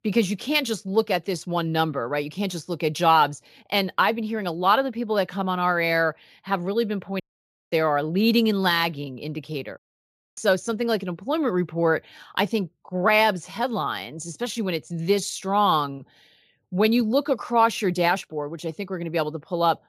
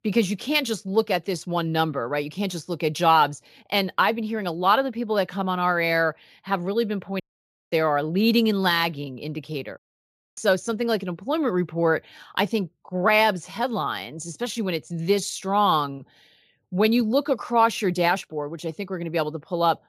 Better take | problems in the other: neither | audio cutting out; at 7 s for 0.5 s and at 10 s for 0.5 s; the same in both

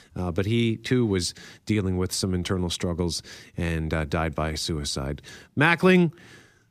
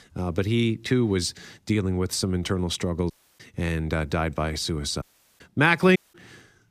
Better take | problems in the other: first | audio cutting out; at 3 s, at 5 s and at 6 s

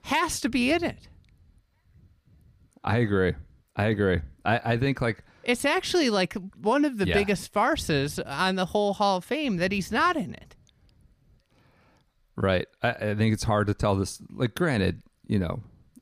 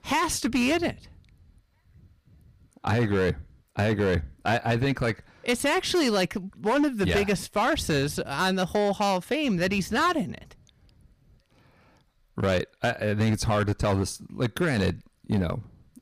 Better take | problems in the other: first | distortion; slight; 7% of the sound clipped

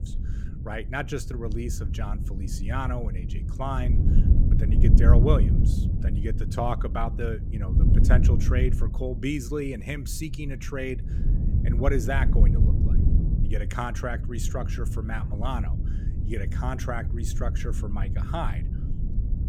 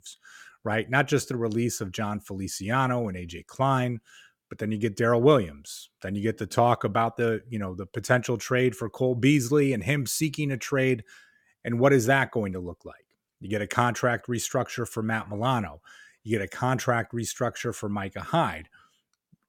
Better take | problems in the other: second | wind noise on the microphone; heavy; 7 dB below the speech

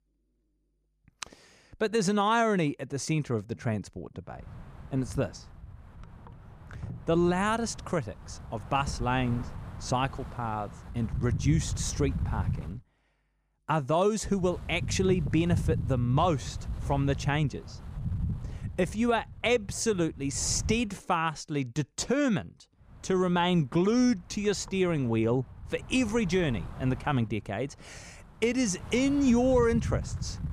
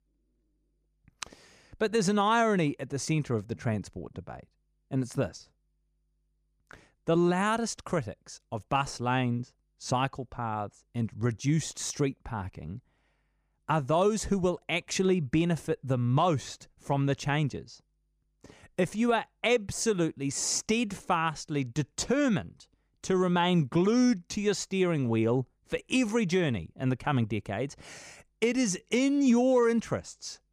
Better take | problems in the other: second | wind noise on the microphone; occasional gusts; from 4.5 to 13 s, from 14 to 21 s and from 23 s on; 20 dB below the speech

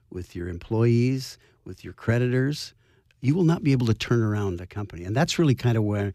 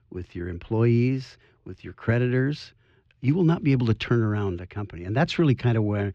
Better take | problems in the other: first | muffled; slightly; fading above 3 kHz

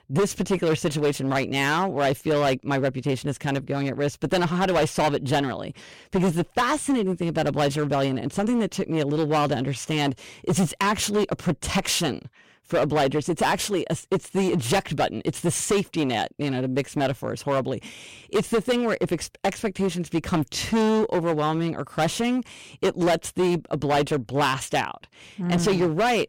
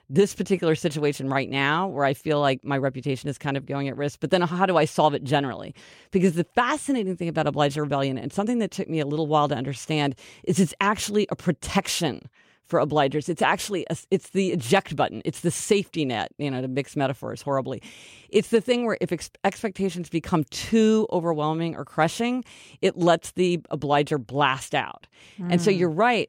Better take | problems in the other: second | distortion; heavy; 11% of the sound clipped

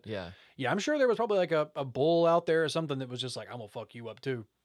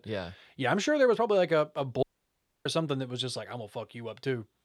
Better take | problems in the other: first | audio cutting out; at 2 s for 0.5 s

